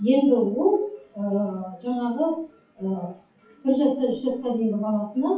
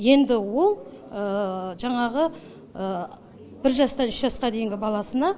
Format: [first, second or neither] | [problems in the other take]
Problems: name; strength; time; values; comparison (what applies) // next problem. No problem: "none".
second | noise reduction (classical method WPE with log-MMSE)